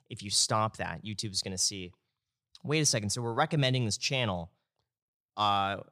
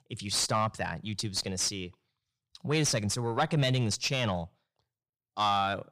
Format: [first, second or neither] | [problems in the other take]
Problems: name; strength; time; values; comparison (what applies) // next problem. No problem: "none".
first | distortion; slight; 10 dB below the speech